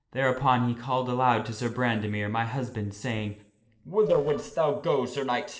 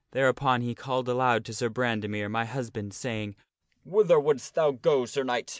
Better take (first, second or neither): second